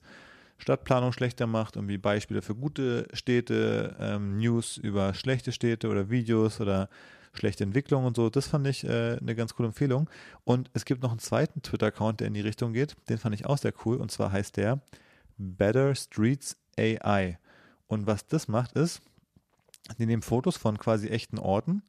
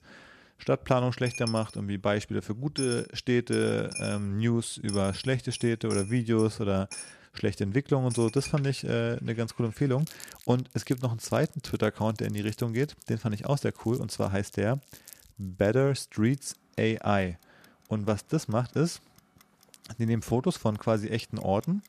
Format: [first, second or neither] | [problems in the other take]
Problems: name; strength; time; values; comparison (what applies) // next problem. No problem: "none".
first | household noises; noticeable; throughout; 15 dB below the speech